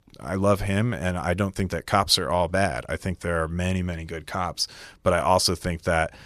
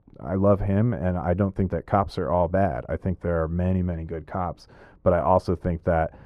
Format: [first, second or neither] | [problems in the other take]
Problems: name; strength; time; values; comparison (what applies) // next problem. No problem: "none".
first | muffled; very; fading above 2 kHz